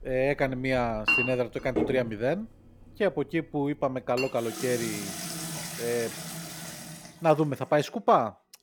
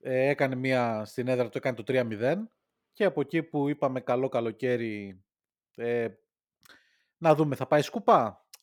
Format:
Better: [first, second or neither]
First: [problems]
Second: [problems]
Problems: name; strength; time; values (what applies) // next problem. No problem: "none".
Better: second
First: household noises; loud; throughout; 3 dB below the speech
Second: none